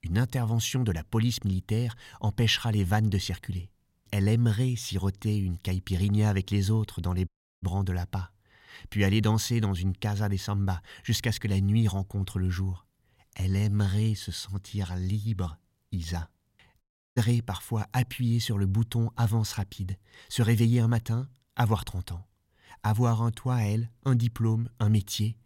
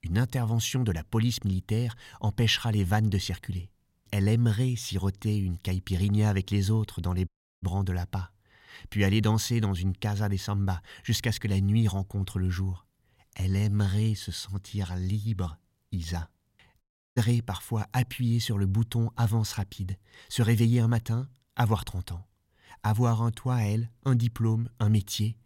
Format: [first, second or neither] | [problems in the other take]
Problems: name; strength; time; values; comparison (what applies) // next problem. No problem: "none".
neither | audio cutting out; at 7.5 s and at 17 s; the same in both